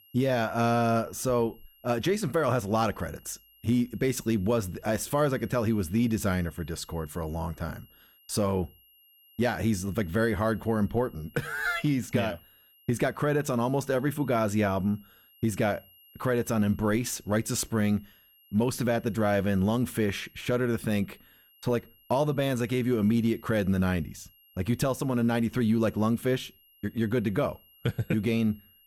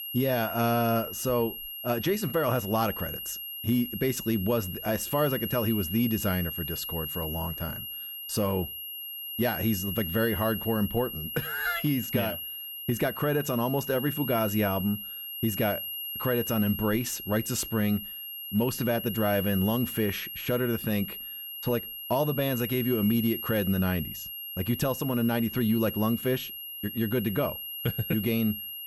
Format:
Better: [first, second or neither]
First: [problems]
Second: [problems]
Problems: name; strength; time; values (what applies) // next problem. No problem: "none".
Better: first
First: high-pitched whine; faint; throughout; 3 kHz, 30 dB below the speech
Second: high-pitched whine; loud; throughout; 3 kHz, 6 dB below the speech